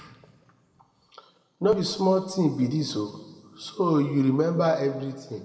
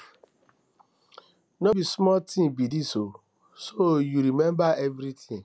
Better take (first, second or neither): second